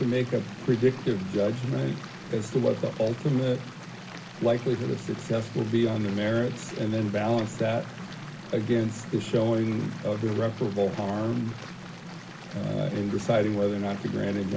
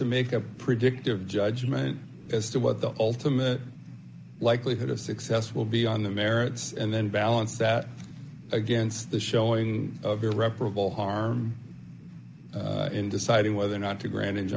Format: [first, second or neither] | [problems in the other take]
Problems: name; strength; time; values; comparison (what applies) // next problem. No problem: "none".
second | background sound (Stream); 17 dB below the speech // room echo; dies away in 0.2 s